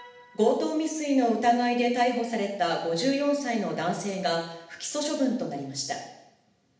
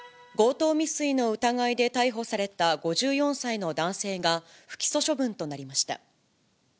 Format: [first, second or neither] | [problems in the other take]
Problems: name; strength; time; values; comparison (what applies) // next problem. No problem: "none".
second | room echo; dies away in 0.8 s